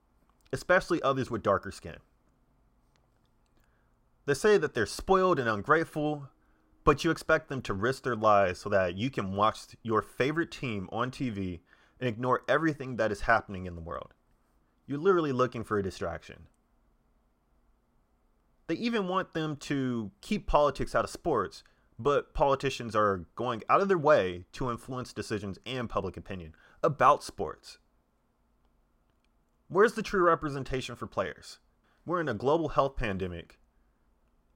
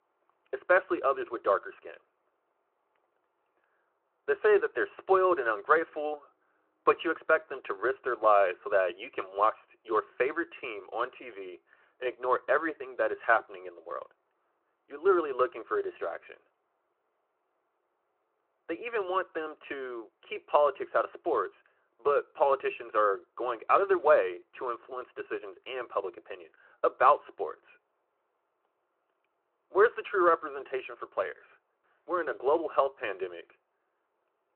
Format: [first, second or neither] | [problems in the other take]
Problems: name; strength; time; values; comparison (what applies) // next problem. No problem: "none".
first | phone-call audio